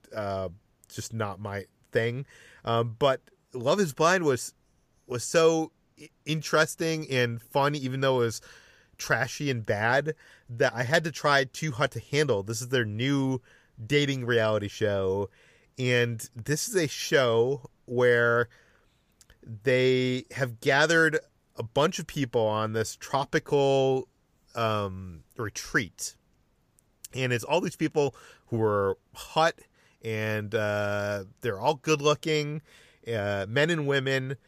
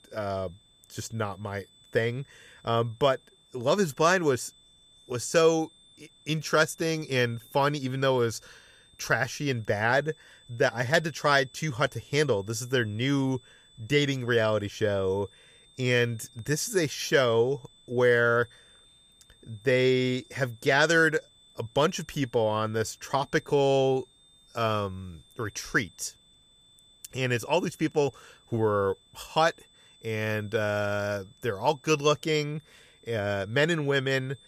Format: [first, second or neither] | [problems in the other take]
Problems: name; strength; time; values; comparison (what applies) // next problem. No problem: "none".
first | high-pitched whine; faint; throughout; 3.5 kHz, 30 dB below the speech